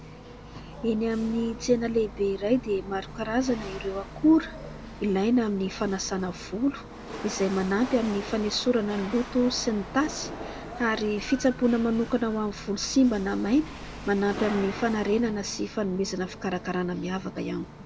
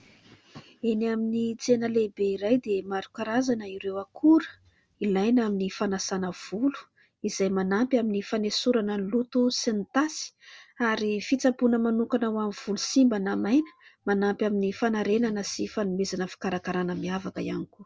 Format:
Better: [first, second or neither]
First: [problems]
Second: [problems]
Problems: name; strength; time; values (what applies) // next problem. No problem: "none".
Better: second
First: background sound (Rattle / Chatter / Hiss / Engine / Mechanisms); 13 dB below the speech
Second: none